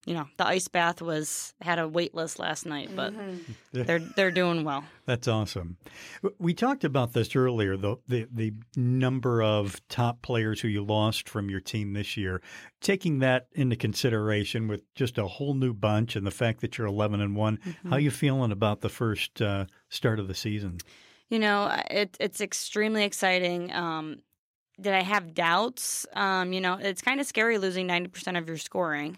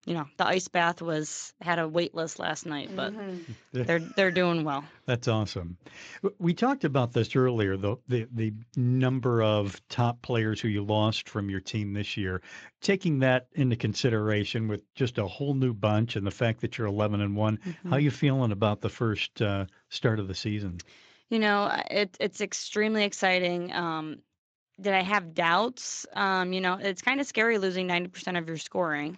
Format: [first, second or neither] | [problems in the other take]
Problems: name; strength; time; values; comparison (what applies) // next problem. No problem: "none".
first | garbled, watery; slightly; nothing above 7.5 kHz